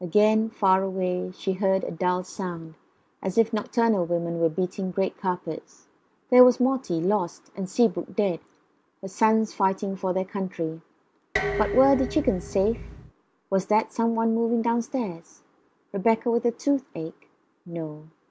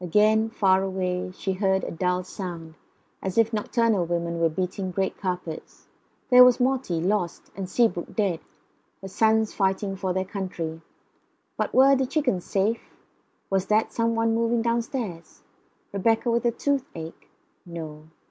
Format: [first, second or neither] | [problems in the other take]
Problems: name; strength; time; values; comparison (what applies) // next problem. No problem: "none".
second | background sound (Dishes, pots, and pans); 8 dB below the speech